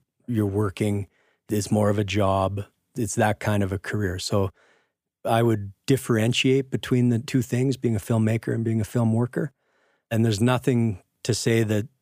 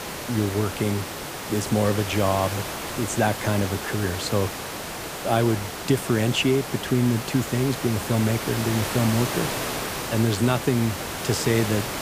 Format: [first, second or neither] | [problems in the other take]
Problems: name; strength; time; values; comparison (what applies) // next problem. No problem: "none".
first | hiss; loud; throughout; 5 dB below the speech